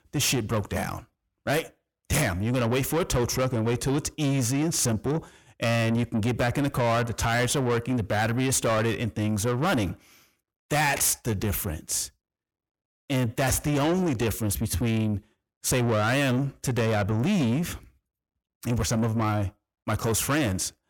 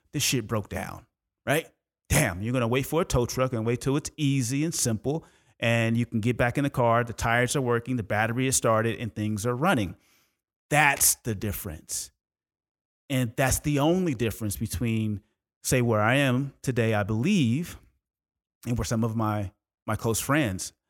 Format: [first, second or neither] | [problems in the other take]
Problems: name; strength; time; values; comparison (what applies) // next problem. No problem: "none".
second | distortion; heavy; 8 dB below the speech